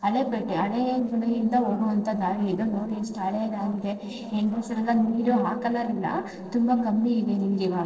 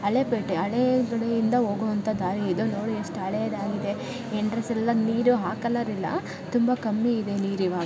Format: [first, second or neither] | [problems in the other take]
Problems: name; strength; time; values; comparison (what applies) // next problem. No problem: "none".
second | noise reduction (neural separator model SepFormer DNS4)